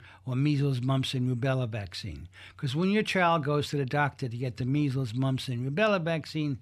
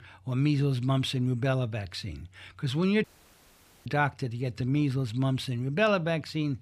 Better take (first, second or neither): first